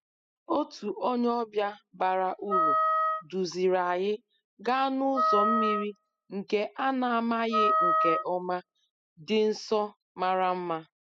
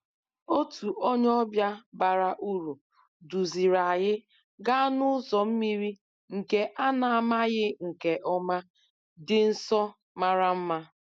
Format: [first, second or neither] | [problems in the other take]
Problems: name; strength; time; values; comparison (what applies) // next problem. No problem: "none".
second | noise reduction (classical method spectral subtraction)